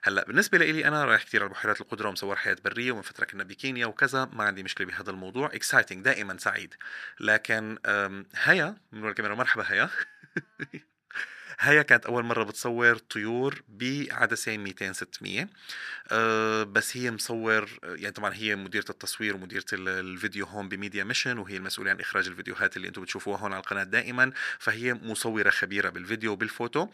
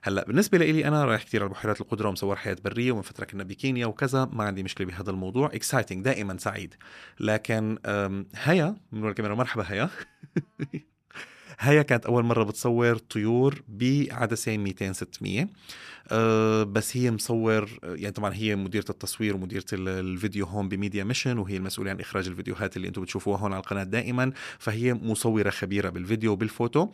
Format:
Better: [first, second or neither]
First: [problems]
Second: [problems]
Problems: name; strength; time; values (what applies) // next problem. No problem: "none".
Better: second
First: thin; somewhat; fading below 700 Hz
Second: none